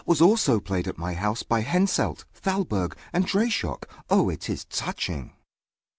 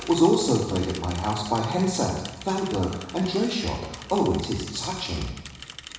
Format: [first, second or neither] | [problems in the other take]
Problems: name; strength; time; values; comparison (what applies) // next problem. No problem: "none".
first | background sound (Mechanisms / Bicycle); 16 dB below the speech // room echo; dies away in 1 s